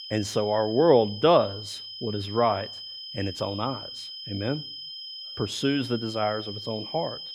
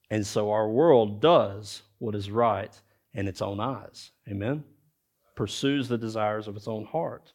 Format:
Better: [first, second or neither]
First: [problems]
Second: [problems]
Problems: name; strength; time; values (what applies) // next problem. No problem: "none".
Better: second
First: high-pitched whine; noticeable; throughout; 5 kHz, 10 dB below the speech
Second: none